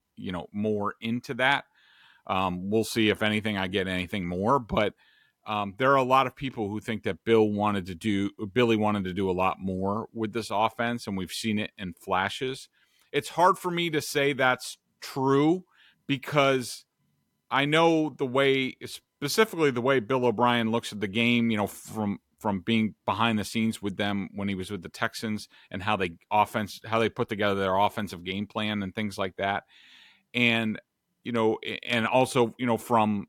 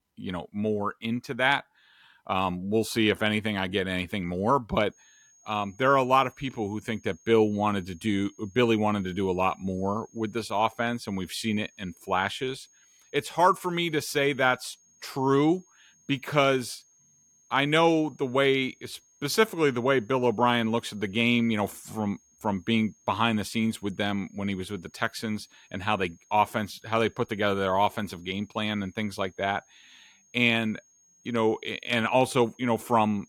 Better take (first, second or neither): first